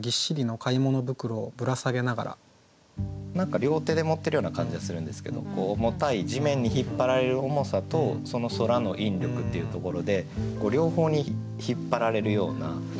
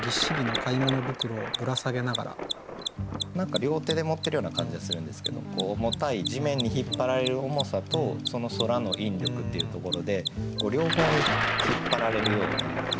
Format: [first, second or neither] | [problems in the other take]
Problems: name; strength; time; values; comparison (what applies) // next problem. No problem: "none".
first | background sound (Mechanisms + Thunder); 4 dB below the speech